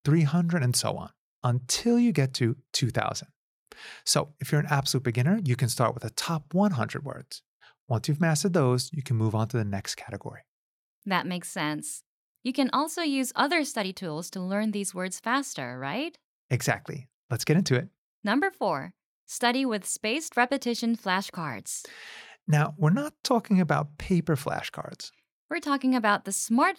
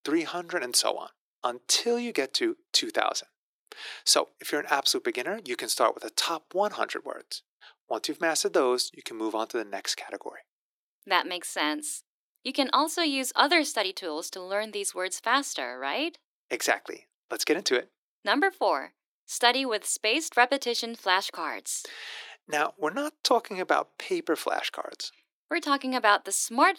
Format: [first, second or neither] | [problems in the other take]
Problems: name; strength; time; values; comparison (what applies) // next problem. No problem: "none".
first | thin; somewhat; fading below 300 Hz